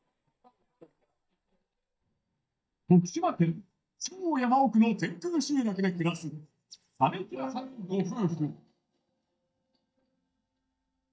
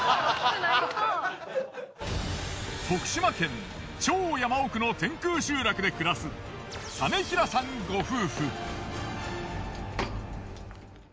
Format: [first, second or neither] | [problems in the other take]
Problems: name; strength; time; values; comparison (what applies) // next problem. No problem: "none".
second | noise reduction (neural mask model DeepFilterNet 3)